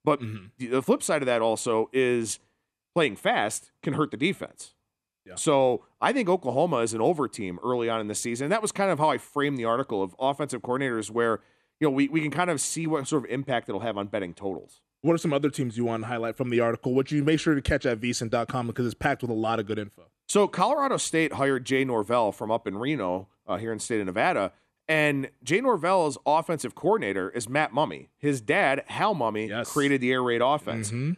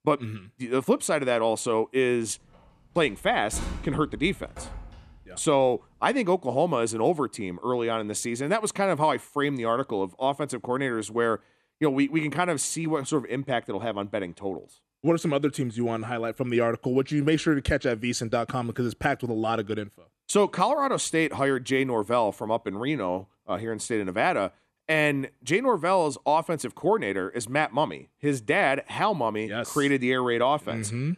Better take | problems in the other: first | door banging; noticeable; from 3 to 5 s; peak 9 dB below the speech

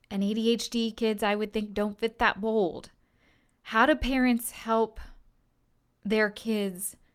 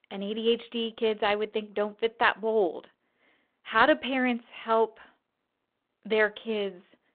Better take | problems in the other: first | phone-call audio

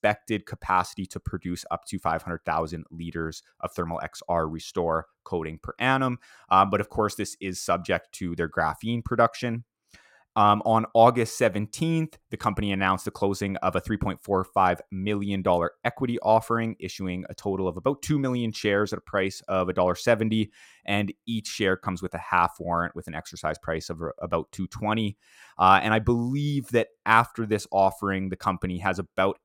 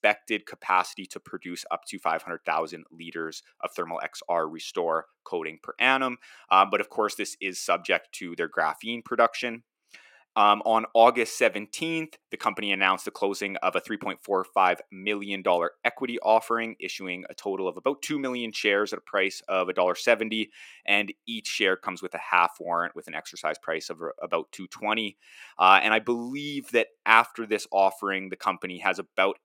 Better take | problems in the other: first | thin; somewhat; fading below 300 Hz

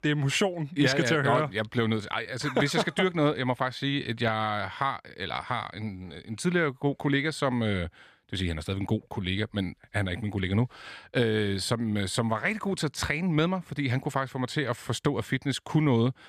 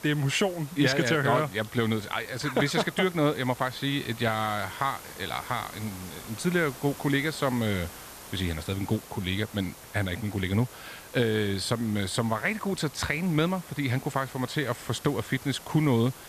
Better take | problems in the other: first | hiss; noticeable; throughout; 15 dB below the speech

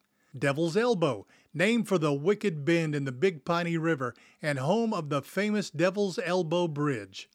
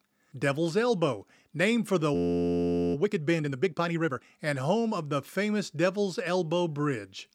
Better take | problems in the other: first | audio freezing; at 2 s for 1 s

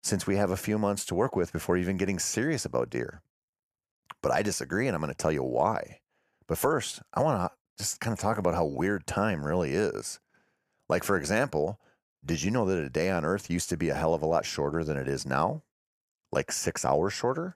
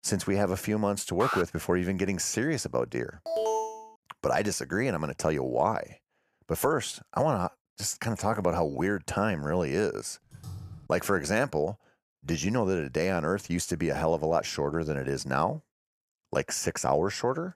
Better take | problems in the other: first | alarm; noticeable; at 1 s; peak 2 dB below the speech // alarm; loud; at 3.5 s; peak level with the speech // keyboard typing; faint; at 10 s; peak 15 dB below the speech

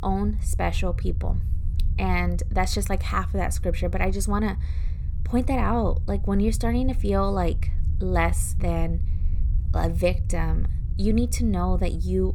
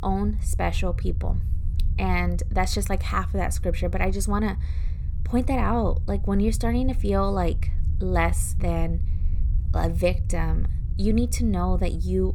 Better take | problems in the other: neither | low rumble; noticeable; throughout; 20 dB below the speech; the same in both

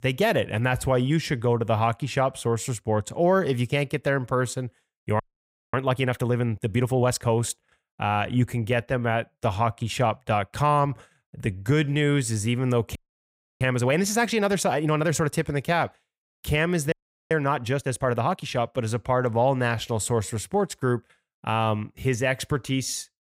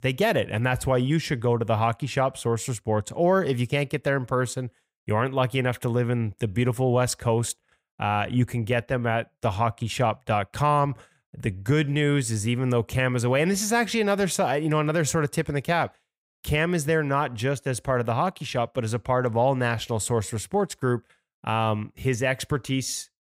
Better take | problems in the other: second | audio freezing; at 5 s for 0.5 s, at 13 s for 0.5 s and at 17 s

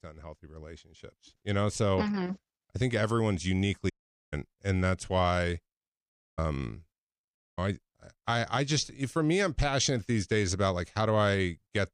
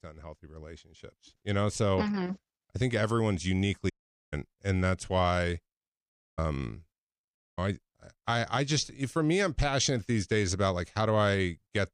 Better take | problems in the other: neither | audio cutting out; at 4 s, at 6 s and at 7.5 s; the same in both

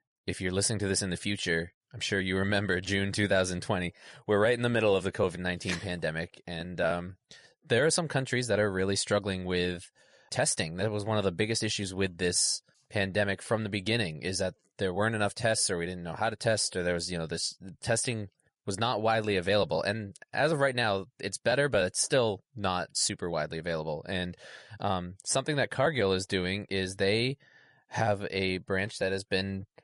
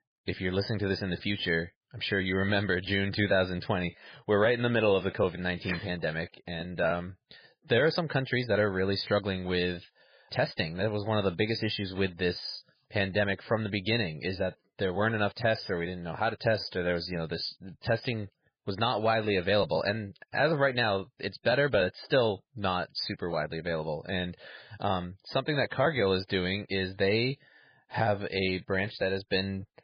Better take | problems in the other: first | garbled, watery; badly; slightly in the first

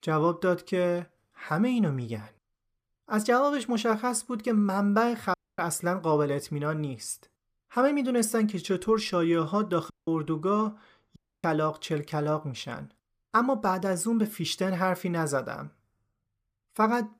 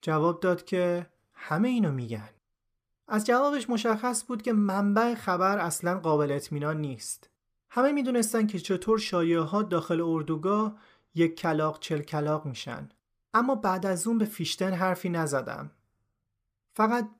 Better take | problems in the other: second | audio cutting out; at 5.5 s, at 10 s and at 11 s

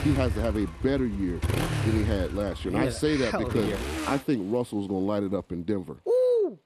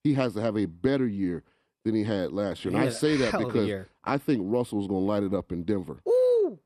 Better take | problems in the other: second | traffic noise; loud; throughout; 5 dB below the speech

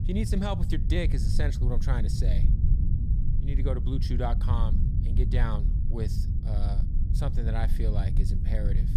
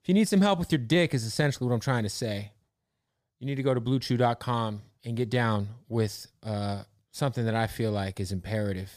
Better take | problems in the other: second | low rumble; loud; throughout; 6 dB below the speech

